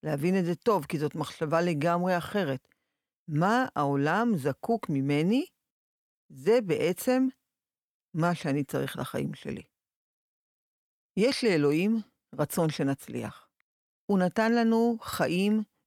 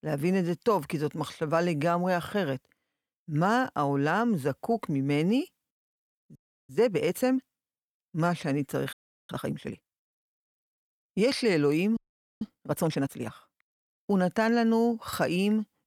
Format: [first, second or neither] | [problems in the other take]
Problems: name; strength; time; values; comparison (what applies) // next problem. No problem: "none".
first | audio freezing; at 6.5 s, at 9 s and at 12 s